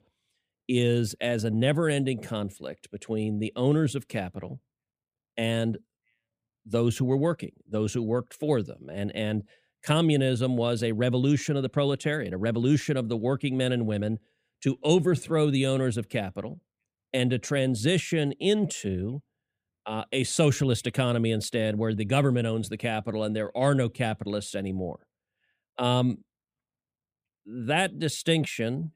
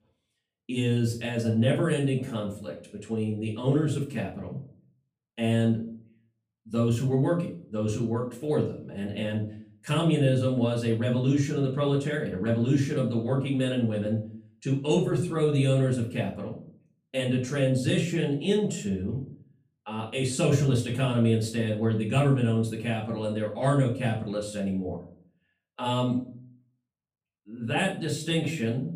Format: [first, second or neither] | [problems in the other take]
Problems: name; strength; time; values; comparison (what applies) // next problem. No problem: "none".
first | off-mic speech; far // room echo; slight; dies away in 0.4 s